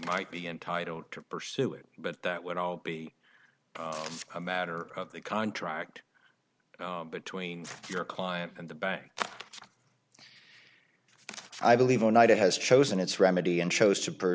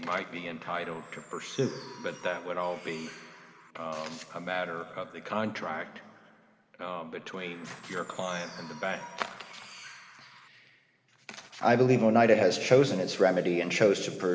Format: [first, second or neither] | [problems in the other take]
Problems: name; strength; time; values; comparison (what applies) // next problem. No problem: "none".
first | background sound (Bird); 19 dB below the speech // room echo; dies away in 2.5 s